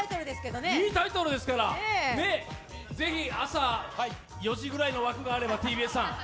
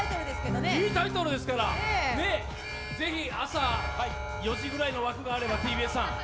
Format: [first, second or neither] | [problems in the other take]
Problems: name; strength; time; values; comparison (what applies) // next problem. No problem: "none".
first | background sound (Acoustic guitar / Strum + Alarm); 4 dB below the speech